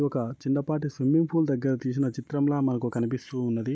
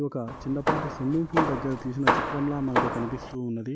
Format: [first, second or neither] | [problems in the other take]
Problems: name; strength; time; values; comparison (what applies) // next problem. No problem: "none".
first | background sound (Hammer); 1 dB above the speech